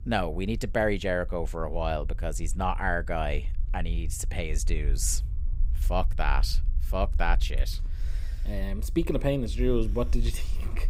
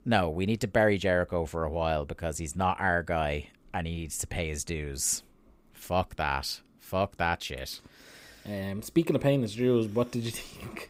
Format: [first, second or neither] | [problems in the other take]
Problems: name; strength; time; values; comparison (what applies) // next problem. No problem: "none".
second | low rumble; faint; throughout; 25 dB below the speech